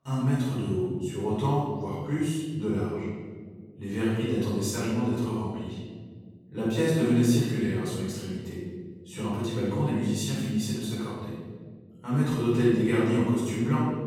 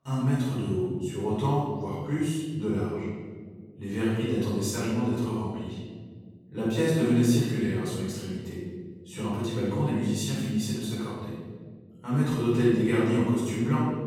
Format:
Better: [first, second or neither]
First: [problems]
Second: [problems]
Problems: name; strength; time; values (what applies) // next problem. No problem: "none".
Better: neither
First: off-mic speech; far // room echo; strong; dies away in 1.8 s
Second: off-mic speech; far // room echo; strong; dies away in 1.8 s